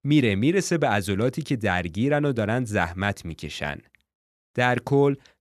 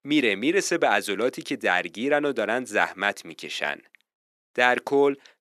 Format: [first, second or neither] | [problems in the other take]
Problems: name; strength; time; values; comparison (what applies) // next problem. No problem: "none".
first | thin; somewhat; fading below 300 Hz